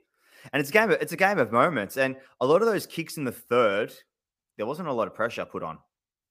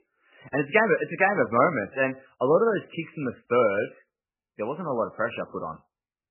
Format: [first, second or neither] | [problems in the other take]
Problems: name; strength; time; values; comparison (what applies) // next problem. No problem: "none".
first | garbled, watery; badly; nothing above 2.5 kHz